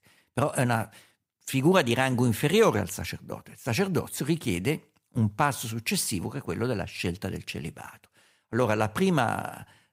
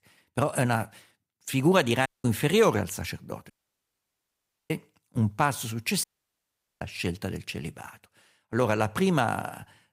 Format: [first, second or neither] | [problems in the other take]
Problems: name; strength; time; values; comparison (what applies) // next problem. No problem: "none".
first | audio cutting out; at 2 s, at 3.5 s for 1 s and at 6 s for 1 s